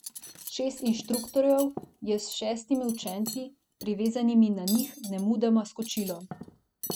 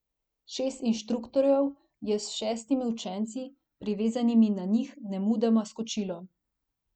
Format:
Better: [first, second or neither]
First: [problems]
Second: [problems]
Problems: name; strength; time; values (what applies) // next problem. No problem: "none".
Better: second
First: background sound (Cutlery, silverware); 14 dB below the speech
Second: none